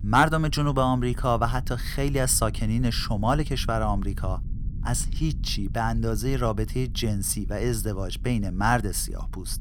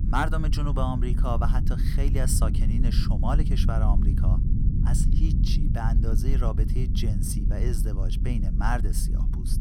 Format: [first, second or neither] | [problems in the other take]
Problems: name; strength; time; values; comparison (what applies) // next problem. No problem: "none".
first | low rumble; loud; throughout; 6 dB below the speech; faint in the first